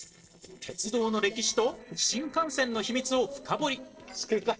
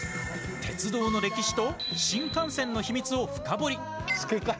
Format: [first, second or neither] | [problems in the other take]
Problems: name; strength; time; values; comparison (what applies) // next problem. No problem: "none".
second | noise reduction (neural separator model SepFormer DNS4)